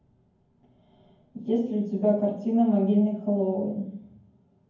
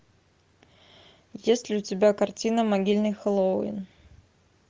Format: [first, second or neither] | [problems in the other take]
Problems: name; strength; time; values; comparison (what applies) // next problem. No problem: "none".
second | room echo; dies away in 0.9 s